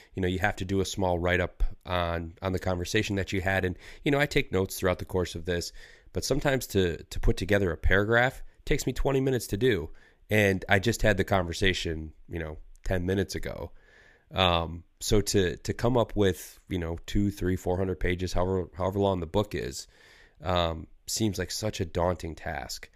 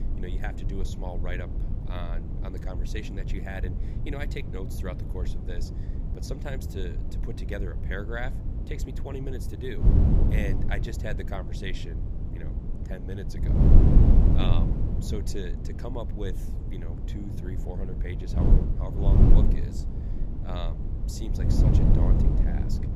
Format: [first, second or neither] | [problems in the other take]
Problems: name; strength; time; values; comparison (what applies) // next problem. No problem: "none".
first | wind noise on the microphone; heavy; as loud as the speech